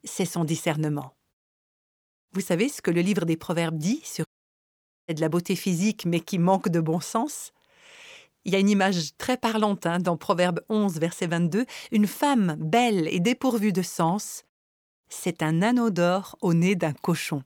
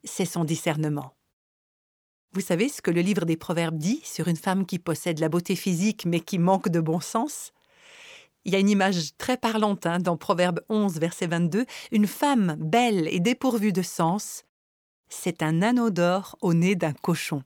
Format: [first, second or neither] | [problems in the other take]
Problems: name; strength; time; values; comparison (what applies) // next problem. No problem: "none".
second | audio cutting out; at 4.5 s for 1 s